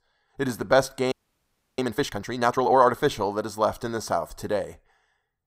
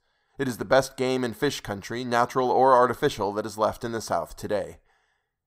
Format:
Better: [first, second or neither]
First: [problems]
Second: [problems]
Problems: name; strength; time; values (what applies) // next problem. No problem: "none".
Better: second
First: audio freezing; at 1 s for 0.5 s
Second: none